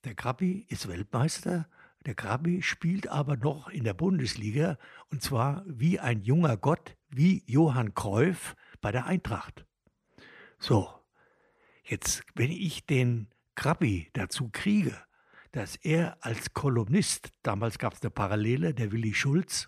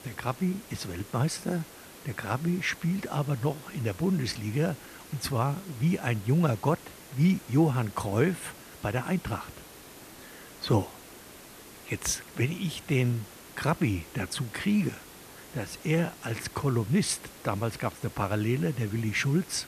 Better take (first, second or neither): first